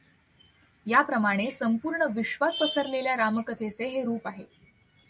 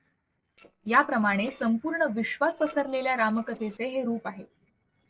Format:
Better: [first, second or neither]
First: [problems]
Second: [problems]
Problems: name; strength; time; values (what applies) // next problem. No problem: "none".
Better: first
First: none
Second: noise reduction (neural separator model SepFormer DNS4)